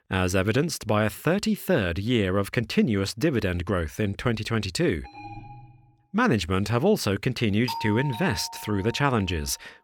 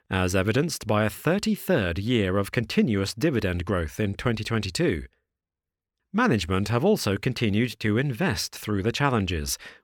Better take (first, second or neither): second